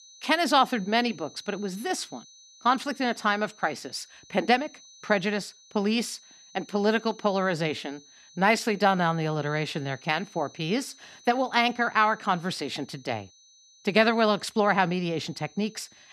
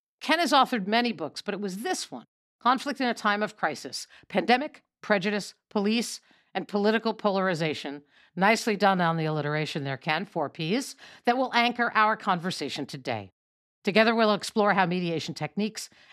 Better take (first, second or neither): second